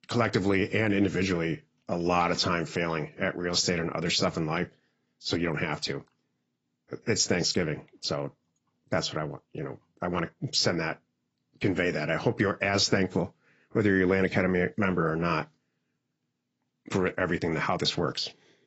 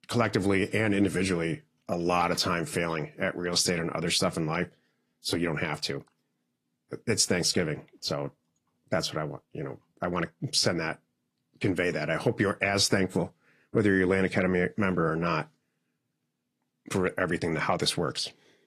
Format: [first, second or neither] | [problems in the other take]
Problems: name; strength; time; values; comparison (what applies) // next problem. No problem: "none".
second | garbled, watery; badly; nothing above 7.5 kHz; slightly in the second